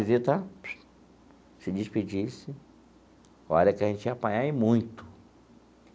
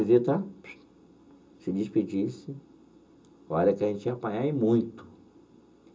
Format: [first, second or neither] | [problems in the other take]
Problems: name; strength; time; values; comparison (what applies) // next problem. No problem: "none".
first | room echo; dies away in 0.2 s